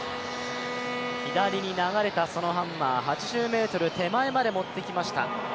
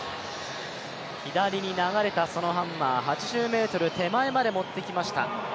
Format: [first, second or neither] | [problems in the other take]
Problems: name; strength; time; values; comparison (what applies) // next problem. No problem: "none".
second | background sound (Bowed string instrument); 10 dB below the speech